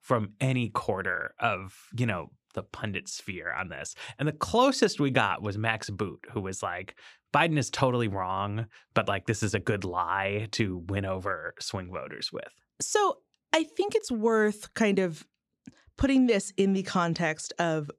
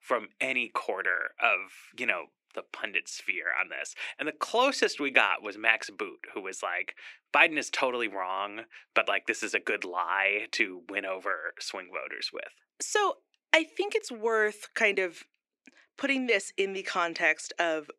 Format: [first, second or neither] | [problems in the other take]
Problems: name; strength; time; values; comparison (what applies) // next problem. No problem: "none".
first | thin; somewhat; fading below 300 Hz